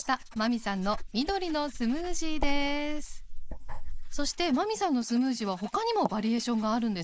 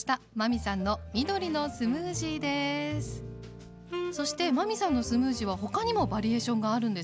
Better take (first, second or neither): second